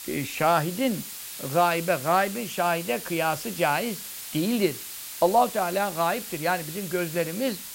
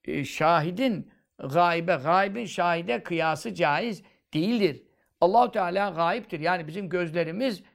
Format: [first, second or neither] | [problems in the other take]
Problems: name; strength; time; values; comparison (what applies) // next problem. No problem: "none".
second | hiss; loud; throughout; 9 dB below the speech